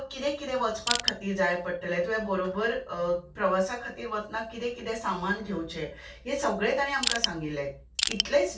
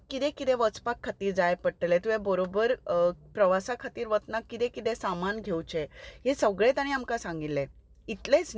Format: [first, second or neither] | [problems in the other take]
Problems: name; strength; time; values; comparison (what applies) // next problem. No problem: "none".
second | background sound (Crushing); as loud as the speech // room echo; dies away in 0.3 s